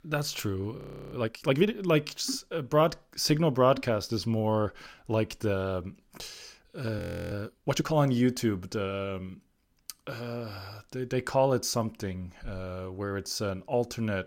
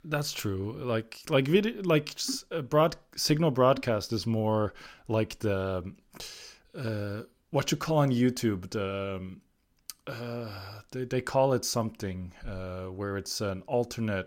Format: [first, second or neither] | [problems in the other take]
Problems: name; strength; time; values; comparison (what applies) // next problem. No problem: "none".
second | audio freezing; at 1 s and at 7 s